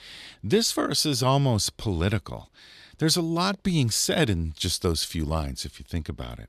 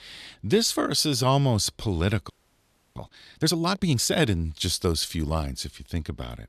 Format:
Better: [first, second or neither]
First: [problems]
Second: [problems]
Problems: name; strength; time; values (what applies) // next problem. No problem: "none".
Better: first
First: none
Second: audio freezing; at 2.5 s for 0.5 s